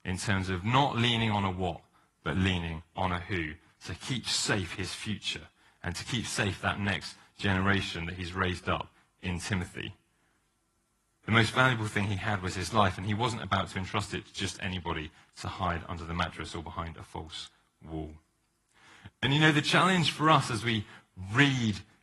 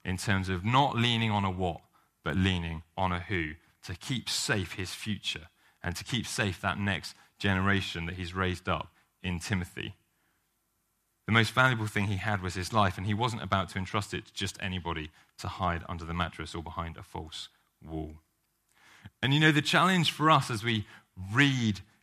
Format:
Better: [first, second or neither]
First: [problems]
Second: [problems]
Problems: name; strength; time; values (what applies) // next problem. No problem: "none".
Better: second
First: garbled, watery; slightly; nothing above 11.5 kHz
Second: none